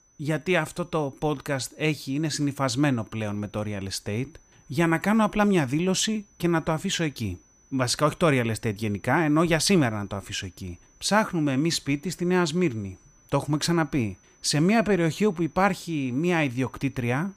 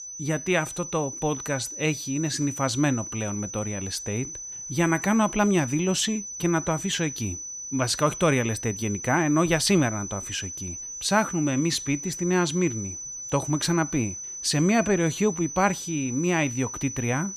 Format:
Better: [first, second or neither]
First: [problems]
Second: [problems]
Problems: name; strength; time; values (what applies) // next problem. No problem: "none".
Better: first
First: high-pitched whine; faint; throughout; 6 kHz, 35 dB below the speech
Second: high-pitched whine; loud; throughout; 6 kHz, 8 dB below the speech